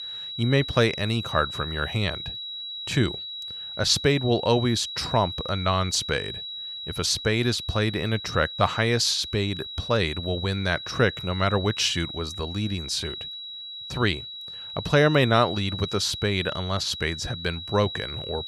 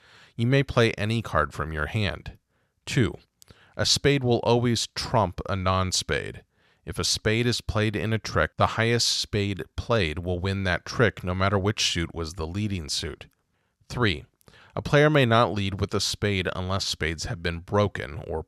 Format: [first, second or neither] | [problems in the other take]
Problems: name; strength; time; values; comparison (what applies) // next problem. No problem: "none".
second | high-pitched whine; loud; throughout; 4 kHz, 8 dB below the speech